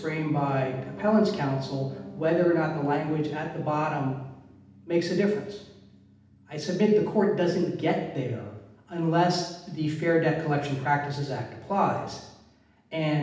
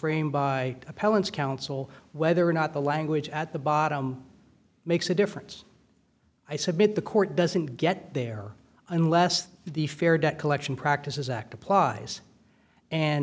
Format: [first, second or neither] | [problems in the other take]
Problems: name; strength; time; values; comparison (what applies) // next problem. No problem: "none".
second | background sound (Piano); 19 dB below the speech // room echo; dies away in 0.8 s